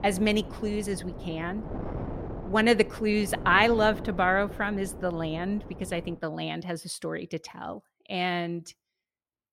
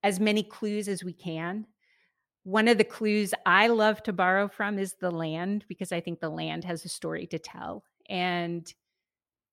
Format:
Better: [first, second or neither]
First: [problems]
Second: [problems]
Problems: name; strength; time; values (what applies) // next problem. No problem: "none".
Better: second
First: wind noise on the microphone; occasional gusts; until 6 s; 15 dB below the speech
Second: none